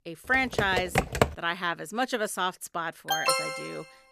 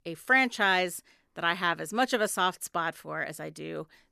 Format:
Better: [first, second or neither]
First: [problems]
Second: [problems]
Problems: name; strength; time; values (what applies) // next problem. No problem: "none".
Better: second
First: keyboard typing; loud; at 0.5 s; peak 4 dB above the speech // alarm; loud; at 3 s; peak 4 dB above the speech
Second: none